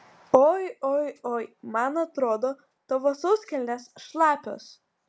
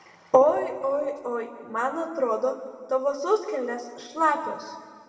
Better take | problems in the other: first | room echo; dies away in 1.7 s

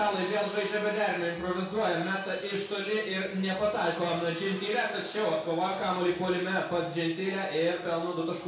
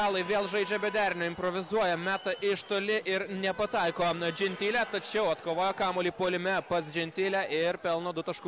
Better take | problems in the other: second | room echo; dies away in 0.5 s

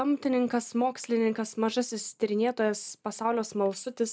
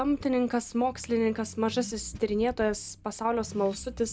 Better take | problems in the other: first | background sound (Accelerating, revving, vroom / Car); 17 dB below the speech

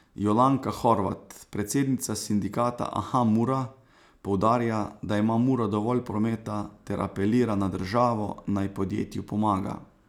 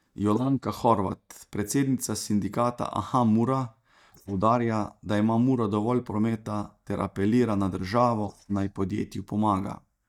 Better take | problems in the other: first | noise reduction (neural mask model DeepFilterNet 3)

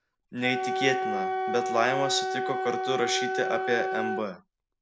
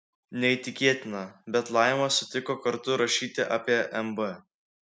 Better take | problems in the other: second | background sound (Wind instrument, woodwind instrument); as loud as the speech

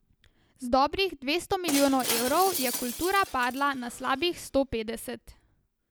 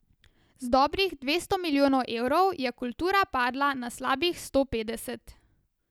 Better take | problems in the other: second | background sound (Shatter); 9 dB below the speech

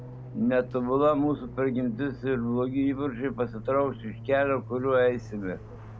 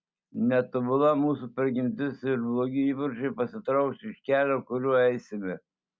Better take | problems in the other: second | background sound (Fixed-wing aircraft, airplane); 14 dB below the speech

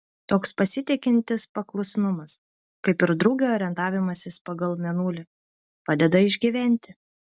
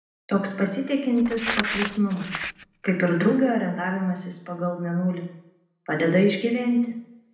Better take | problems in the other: first | background sound (Crumpling, crinkling); 7 dB below the speech // room echo; dies away in 0.7 s

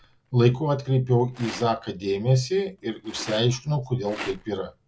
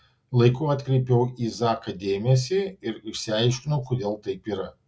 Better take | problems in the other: second | background sound (Rattle); 19 dB below the speech

